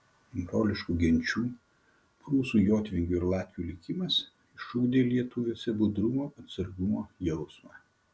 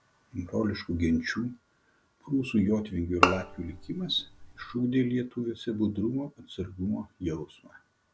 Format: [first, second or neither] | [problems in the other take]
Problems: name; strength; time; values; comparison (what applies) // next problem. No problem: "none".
first | background sound (Bowed string instrument); as loud as the speech